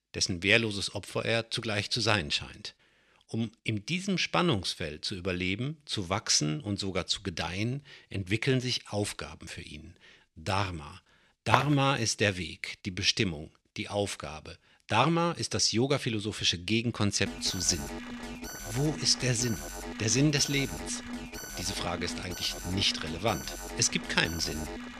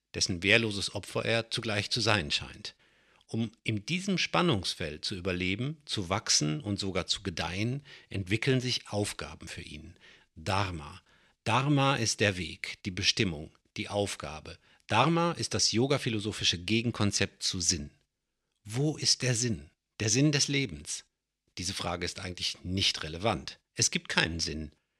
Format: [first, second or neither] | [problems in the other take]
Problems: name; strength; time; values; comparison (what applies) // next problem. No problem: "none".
second | footsteps; loud; at 12 s; peak level with the speech // alarm; noticeable; from 17 s on; peak 10 dB below the speech